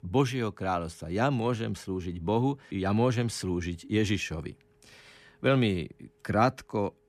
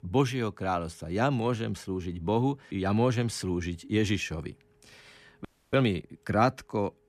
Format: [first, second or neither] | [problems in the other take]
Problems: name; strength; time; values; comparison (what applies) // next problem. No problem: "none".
first | audio freezing; at 5.5 s